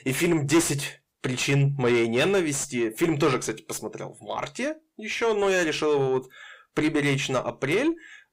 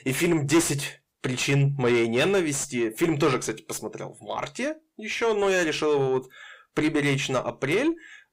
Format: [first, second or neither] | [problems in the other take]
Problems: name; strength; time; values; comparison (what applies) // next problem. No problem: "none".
neither | distortion; heavy; 6 dB below the speech; the same in both